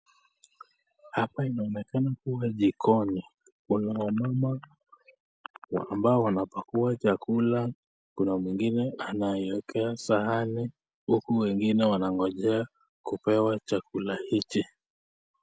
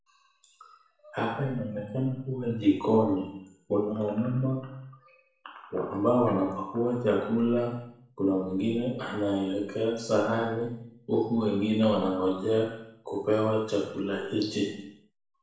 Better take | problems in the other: first | room echo; dies away in 0.7 s

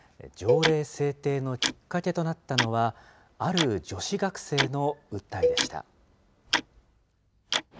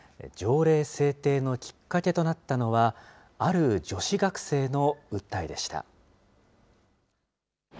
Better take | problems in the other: second | background sound (Tick-tock + Cowbell); 2 dB below the speech

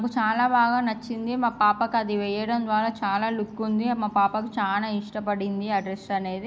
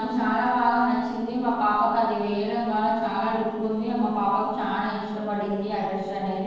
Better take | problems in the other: first | noise reduction (neural separator model SepFormer DNS4)

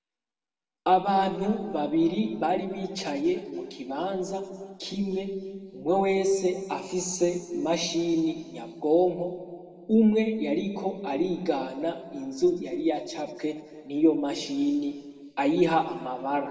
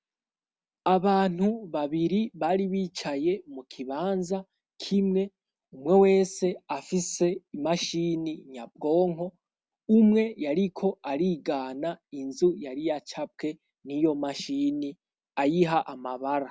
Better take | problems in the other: second | room echo; dies away in 1.9 s

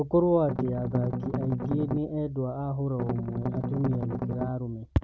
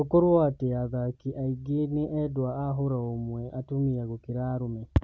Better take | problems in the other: second | background sound (Strum); 3 dB below the speech

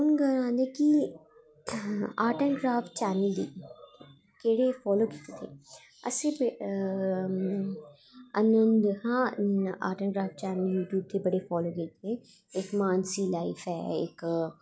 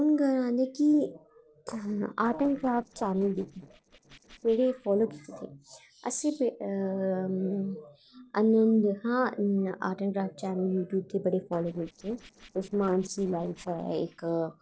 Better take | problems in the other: first | noise reduction (neural separator model SepFormer DNS4)

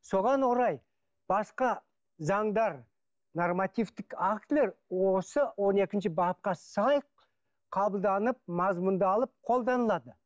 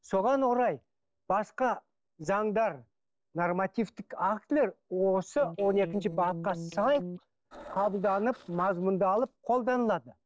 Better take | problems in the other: first | noise reduction (neural separator model SepFormer DNS4)

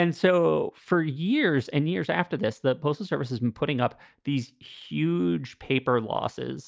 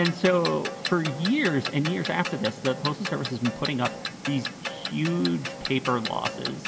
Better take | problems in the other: first | background sound (Clock); 7 dB below the speech // room echo; dies away in 2.8 s

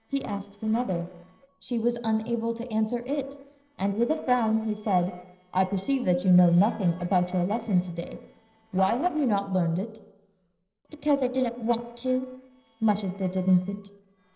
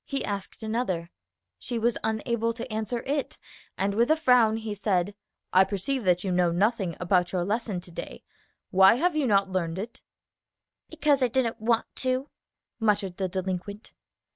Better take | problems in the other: second | noise reduction (neural separator model SepFormer DNS4)

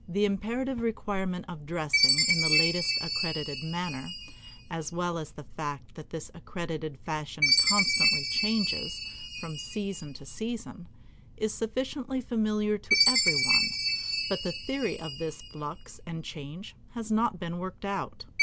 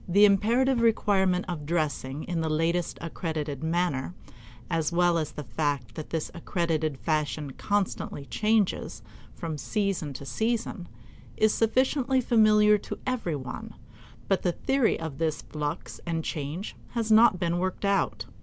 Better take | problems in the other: second | background sound (Chime); 1 dB above the speech

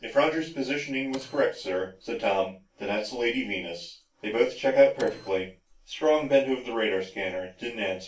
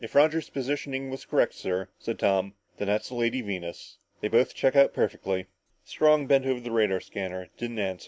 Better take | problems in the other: second | background sound (Printer); 17 dB below the speech // room echo; dies away in 0.2 s

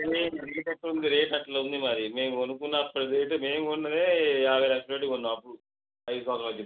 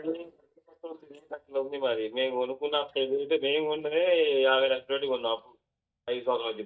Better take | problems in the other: first | noise reduction (neural mask model DeepFilterNet 3)

